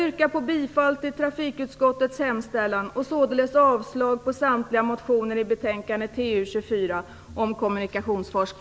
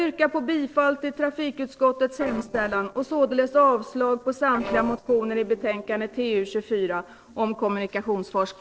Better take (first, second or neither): first